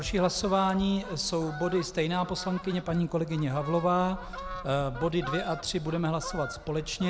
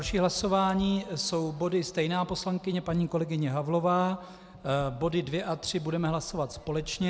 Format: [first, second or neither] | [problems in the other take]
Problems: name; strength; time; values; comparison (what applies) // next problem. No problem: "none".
second | background sound (Fowl); 13 dB below the speech